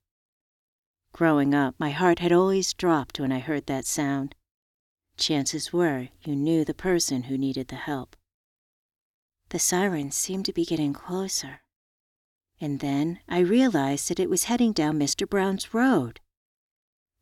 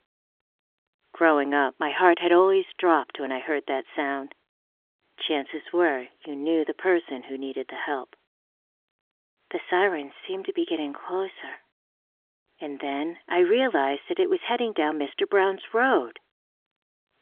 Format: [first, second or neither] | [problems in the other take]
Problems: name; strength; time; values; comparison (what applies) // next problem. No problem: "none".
first | phone-call audio; nothing above 3.5 kHz